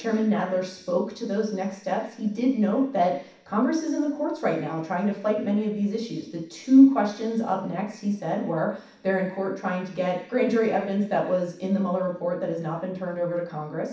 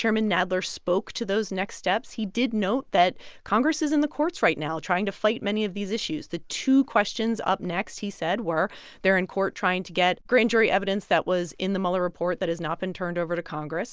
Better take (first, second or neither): second